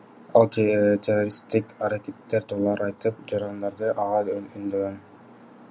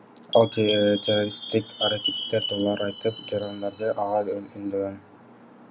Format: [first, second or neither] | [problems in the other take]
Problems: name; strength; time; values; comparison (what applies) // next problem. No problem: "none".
first | background sound (Chime); 9 dB below the speech